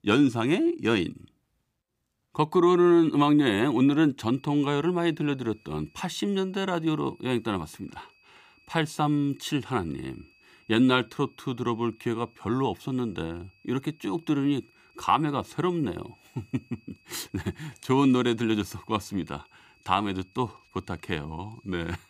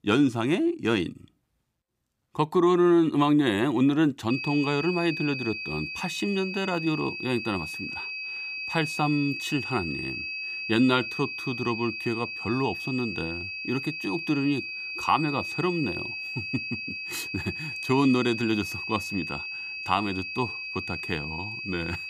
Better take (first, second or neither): first